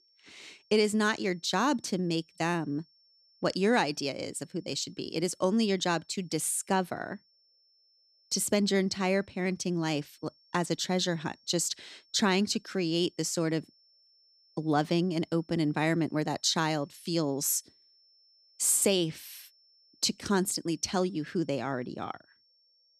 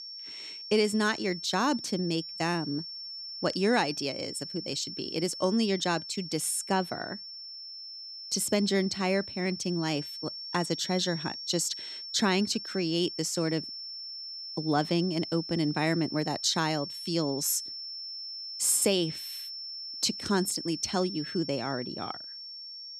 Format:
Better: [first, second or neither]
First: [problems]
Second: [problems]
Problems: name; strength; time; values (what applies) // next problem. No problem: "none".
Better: first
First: high-pitched whine; faint; throughout; 5.5 kHz, 35 dB below the speech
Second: high-pitched whine; loud; throughout; 5.5 kHz, 8 dB below the speech